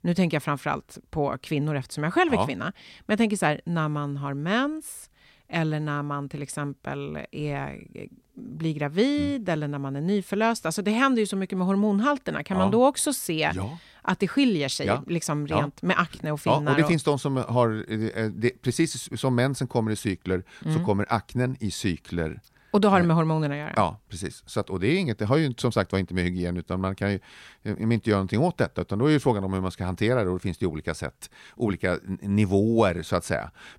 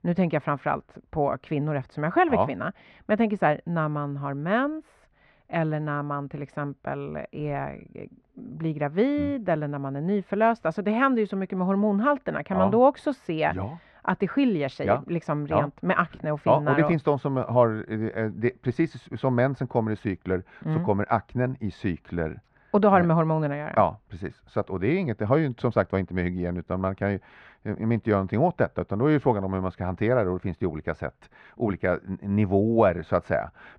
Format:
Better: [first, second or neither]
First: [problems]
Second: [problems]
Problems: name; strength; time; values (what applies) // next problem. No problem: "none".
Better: first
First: none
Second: muffled; very; fading above 1.5 kHz